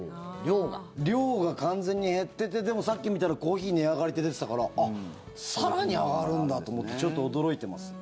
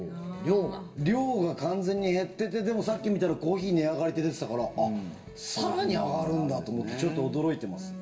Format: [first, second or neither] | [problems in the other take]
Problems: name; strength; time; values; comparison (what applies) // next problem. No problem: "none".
first | room echo; dies away in 0.6 s